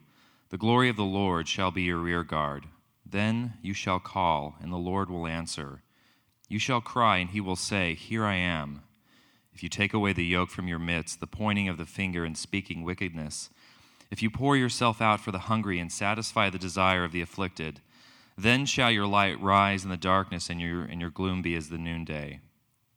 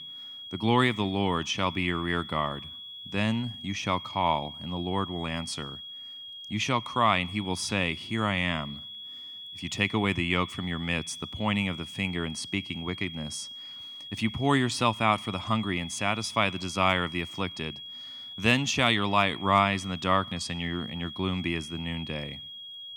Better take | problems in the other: first | high-pitched whine; noticeable; throughout; 3.5 kHz, 10 dB below the speech

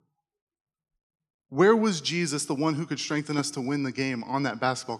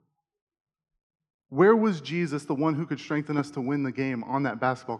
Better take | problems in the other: first | muffled; slightly; fading above 3.5 kHz

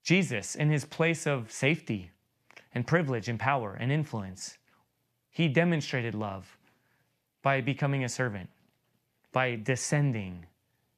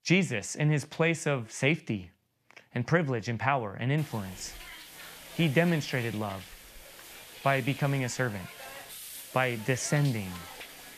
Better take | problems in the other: first | hiss; noticeable; from 4 s on; 15 dB below the speech

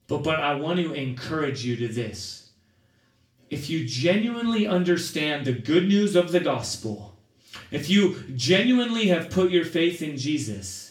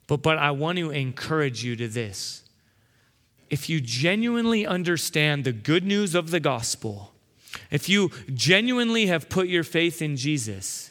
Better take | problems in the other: second | room echo; slight; dies away in 0.4 s // off-mic speech; far

